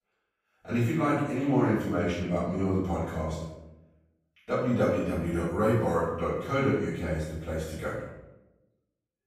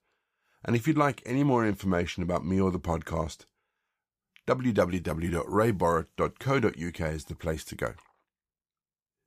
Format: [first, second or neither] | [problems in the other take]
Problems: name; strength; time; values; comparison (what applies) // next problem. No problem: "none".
second | off-mic speech; far // room echo; noticeable; dies away in 0.8 s